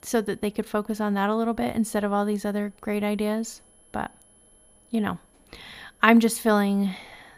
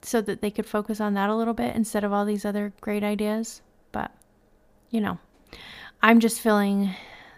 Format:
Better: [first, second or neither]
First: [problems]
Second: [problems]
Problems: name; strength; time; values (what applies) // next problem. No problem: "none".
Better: second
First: high-pitched whine; faint; throughout; 11 kHz, 35 dB below the speech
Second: none